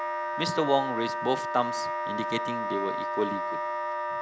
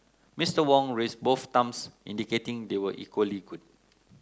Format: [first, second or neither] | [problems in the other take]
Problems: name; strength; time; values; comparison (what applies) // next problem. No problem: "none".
second | background sound (Wind instrument, woodwind instrument); as loud as the speech